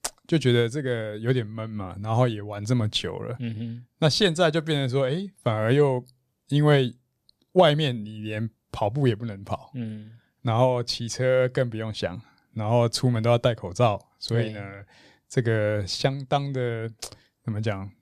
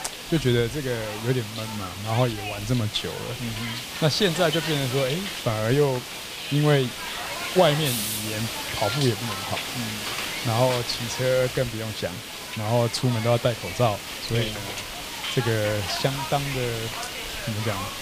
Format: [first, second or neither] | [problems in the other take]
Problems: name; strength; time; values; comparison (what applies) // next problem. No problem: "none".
first | hiss; loud; throughout; 5 dB below the speech